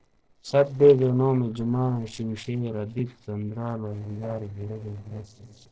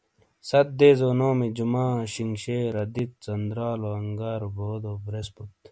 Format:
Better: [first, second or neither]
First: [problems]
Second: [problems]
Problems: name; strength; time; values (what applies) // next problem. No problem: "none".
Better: second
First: noise reduction (neural separator model SepFormer DNS4)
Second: none